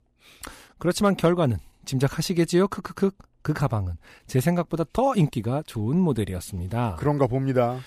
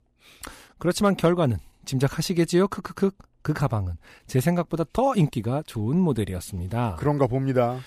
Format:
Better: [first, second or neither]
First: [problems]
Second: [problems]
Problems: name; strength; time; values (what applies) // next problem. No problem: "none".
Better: neither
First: none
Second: none